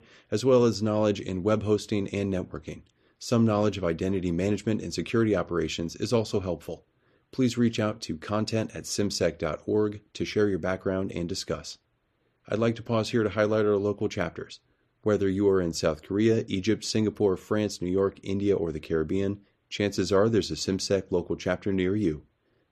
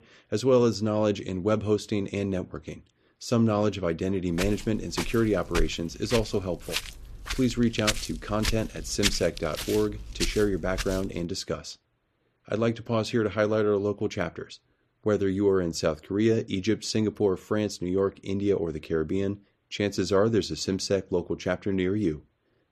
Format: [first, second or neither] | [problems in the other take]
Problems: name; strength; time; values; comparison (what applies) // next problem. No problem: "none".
first | footsteps; noticeable; from 4.5 to 11 s; peak 1 dB below the speech